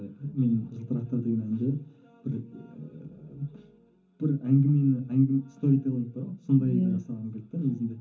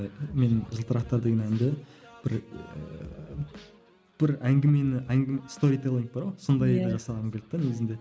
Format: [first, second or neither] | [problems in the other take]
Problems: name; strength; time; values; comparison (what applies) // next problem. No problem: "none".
second | room echo; dies away in 0.3 s